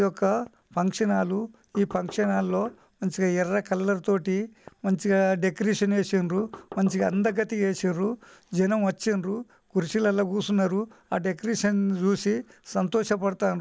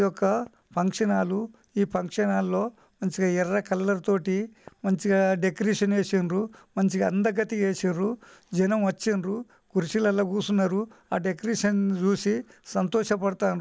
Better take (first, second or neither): second